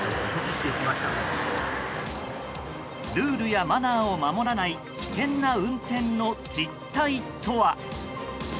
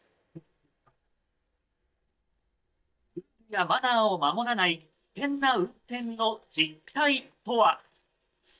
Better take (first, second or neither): first